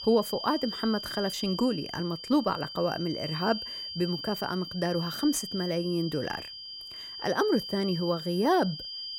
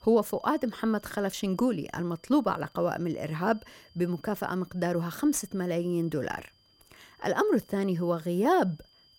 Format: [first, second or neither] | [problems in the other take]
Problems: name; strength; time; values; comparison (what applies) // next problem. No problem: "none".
second | high-pitched whine; loud; throughout; 4.5 kHz, 7 dB below the speech; faint in the second